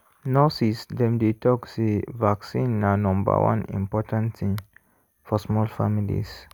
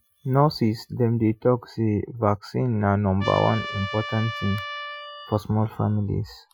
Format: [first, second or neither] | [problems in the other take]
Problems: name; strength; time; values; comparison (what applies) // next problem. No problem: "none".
first | noise reduction (classical method Wiener filter)